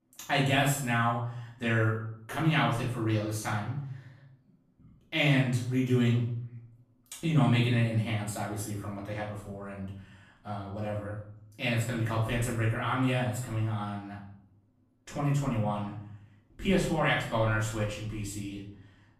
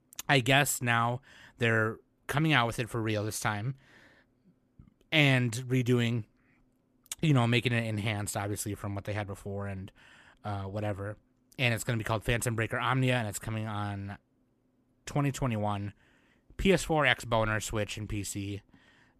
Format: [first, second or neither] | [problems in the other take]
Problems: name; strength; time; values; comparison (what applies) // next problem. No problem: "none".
second | off-mic speech; far // room echo; noticeable; dies away in 0.6 s